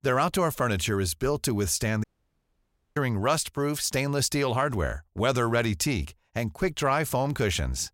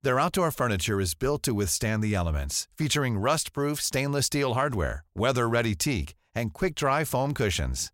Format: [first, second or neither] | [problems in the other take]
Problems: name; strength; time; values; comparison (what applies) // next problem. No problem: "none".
second | audio cutting out; at 2 s for 1 s